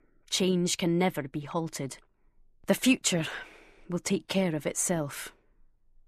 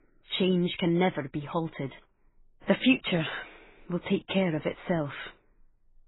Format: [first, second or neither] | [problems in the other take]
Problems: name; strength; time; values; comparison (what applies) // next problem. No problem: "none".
first | garbled, watery; badly; nothing above 4 kHz